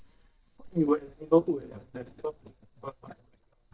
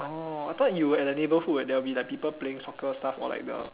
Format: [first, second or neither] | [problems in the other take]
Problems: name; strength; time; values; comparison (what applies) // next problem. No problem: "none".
second | noise reduction (neural mask model DeepFilterNet 3)